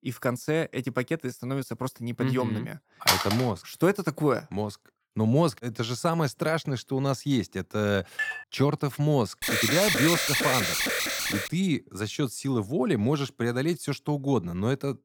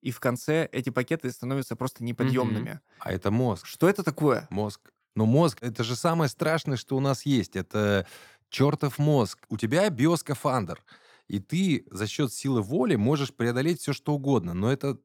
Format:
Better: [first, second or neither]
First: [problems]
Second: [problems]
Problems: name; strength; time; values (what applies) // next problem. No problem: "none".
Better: second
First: phone ringing; loud; at 3 s; peak 5 dB above the speech // clattering dishes; noticeable; at 8 s; peak 3 dB below the speech // alarm; loud; from 9.5 to 11 s; peak 4 dB above the speech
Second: none